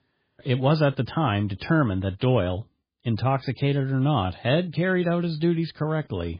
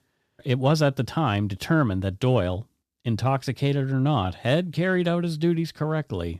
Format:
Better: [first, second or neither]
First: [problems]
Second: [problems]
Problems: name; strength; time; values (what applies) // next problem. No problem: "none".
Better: second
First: garbled, watery; badly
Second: none